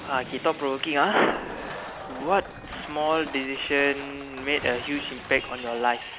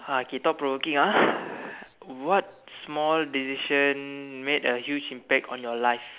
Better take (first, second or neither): second